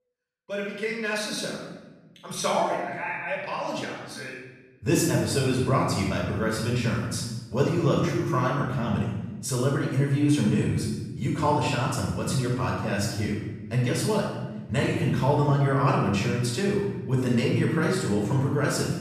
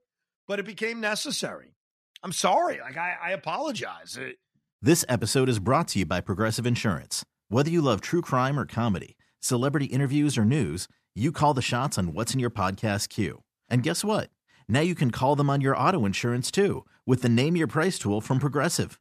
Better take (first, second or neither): second